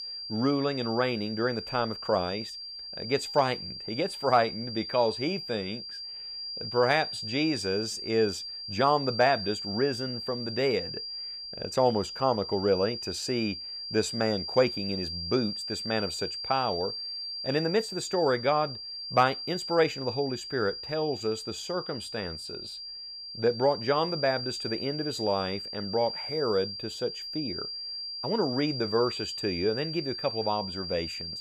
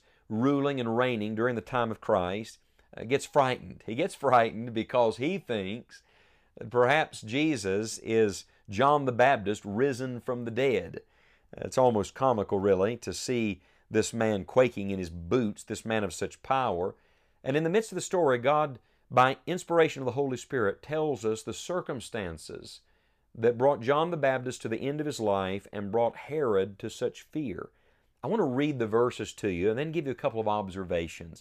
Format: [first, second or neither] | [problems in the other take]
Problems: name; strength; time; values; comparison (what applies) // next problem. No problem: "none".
second | high-pitched whine; loud; throughout; 4.5 kHz, 6 dB below the speech